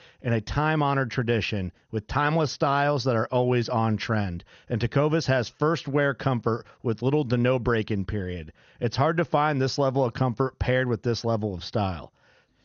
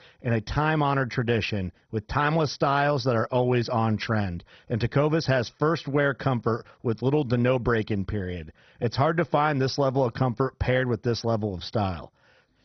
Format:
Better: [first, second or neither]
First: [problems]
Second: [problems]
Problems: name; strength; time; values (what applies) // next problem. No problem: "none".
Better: first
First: garbled, watery; slightly; nothing above 6 kHz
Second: garbled, watery; badly; nothing above 6 kHz